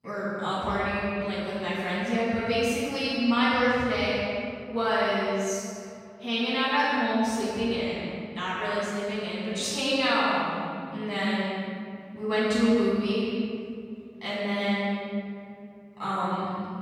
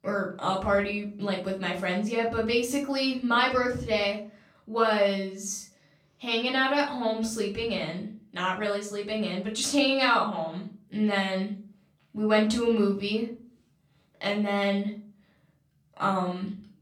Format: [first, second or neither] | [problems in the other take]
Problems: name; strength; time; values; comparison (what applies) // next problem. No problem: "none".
second | room echo; strong; dies away in 2.4 s; slight in the second // off-mic speech; far; far in the second